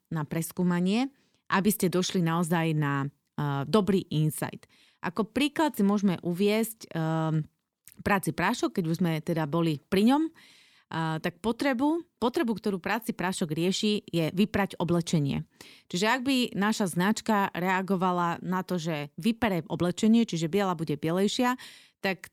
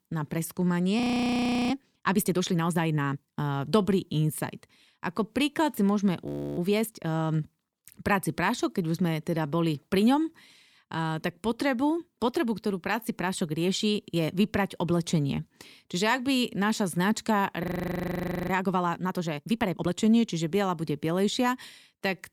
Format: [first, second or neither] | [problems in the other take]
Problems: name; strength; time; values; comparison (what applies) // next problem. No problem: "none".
first | audio freezing; at 1 s for 0.5 s, at 6.5 s and at 18 s for 1 s